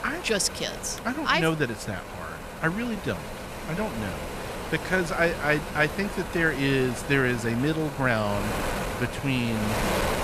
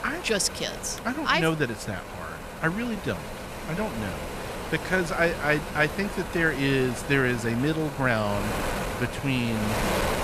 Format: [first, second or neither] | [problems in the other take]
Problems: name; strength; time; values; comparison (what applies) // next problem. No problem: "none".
neither | wind noise on the microphone; heavy; 7 dB below the speech; the same in both